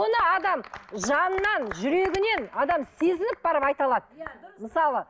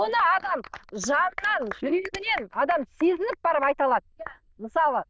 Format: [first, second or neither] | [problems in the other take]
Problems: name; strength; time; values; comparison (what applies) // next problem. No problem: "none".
first | noise reduction (neural diffusion model UNIVERSE++)